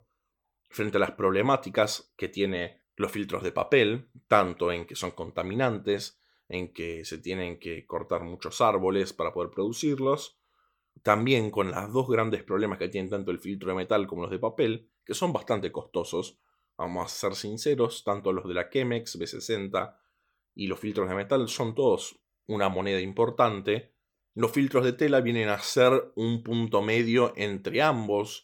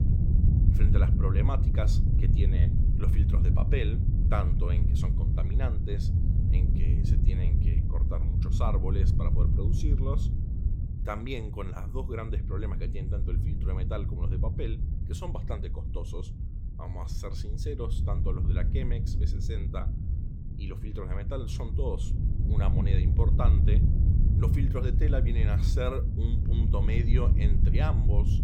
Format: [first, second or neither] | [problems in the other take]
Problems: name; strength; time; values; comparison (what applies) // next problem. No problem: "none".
first | wind noise on the microphone; heavy; 2 dB below the speech